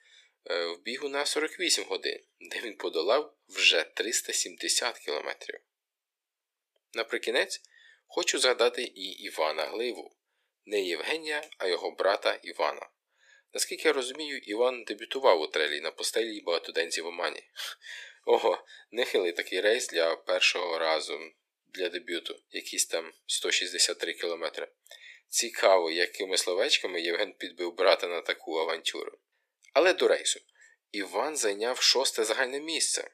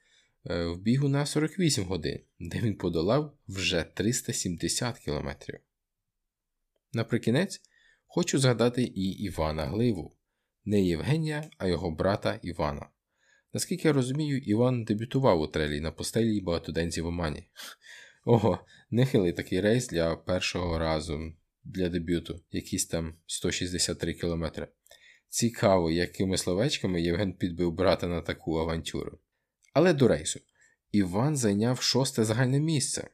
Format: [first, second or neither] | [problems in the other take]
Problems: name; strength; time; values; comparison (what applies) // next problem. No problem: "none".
second | thin; very; fading below 400 Hz